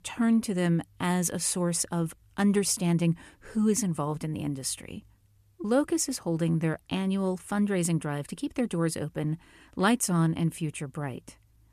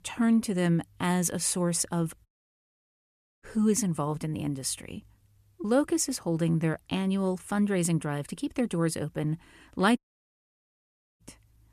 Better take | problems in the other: first | audio cutting out; at 2.5 s for 1 s and at 10 s for 1 s

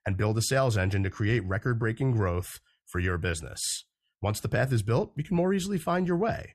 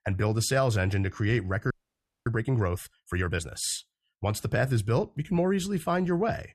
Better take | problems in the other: first | audio freezing; at 1.5 s for 0.5 s

